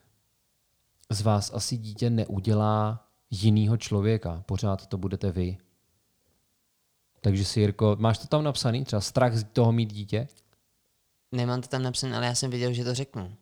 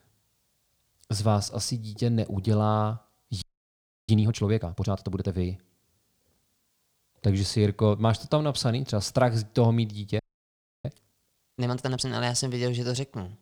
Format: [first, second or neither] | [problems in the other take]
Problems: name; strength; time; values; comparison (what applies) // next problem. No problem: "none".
first | audio freezing; at 3.5 s for 0.5 s and at 10 s for 0.5 s